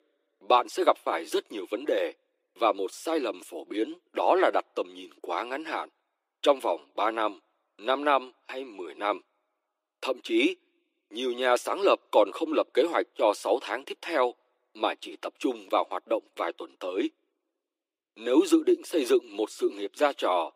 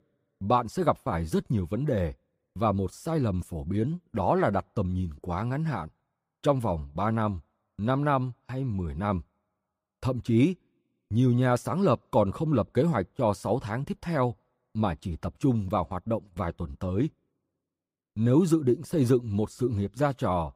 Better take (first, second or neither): second